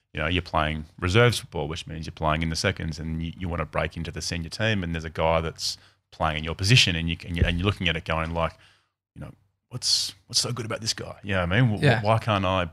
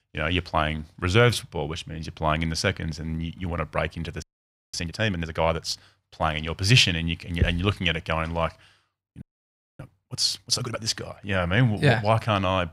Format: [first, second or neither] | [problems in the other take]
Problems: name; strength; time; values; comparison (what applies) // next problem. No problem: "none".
first | audio freezing; at 4 s for 0.5 s and at 9 s for 0.5 s